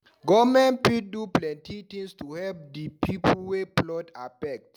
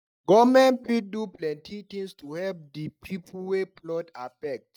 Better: first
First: none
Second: noise reduction (neural mask model DeepFilterNet 3)

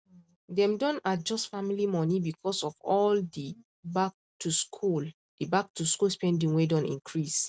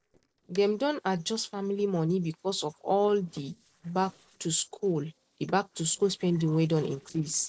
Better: first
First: none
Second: noise reduction (neural separator model SepFormer DNS4)

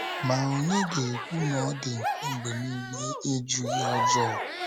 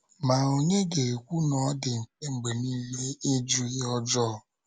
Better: second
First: background sound (Crowd / Cheering); 2 dB below the speech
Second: none

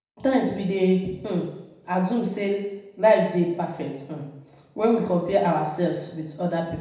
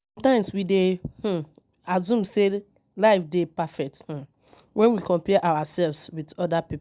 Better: second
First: room echo; dies away in 0.8 s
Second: none

